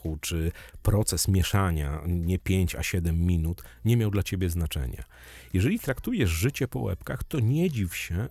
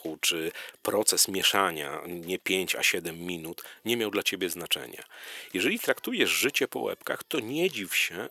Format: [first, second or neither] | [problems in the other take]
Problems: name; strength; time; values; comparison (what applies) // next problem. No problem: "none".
first | thin; very; fading below 350 Hz